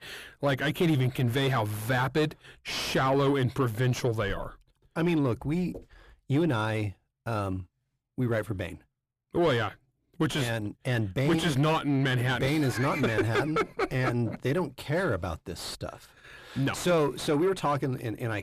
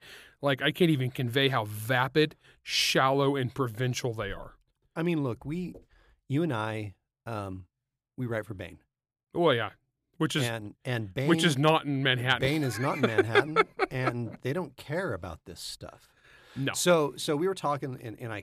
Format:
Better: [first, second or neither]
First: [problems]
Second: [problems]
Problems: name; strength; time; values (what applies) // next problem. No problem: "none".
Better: second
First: distortion; heavy; 5 dB below the speech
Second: none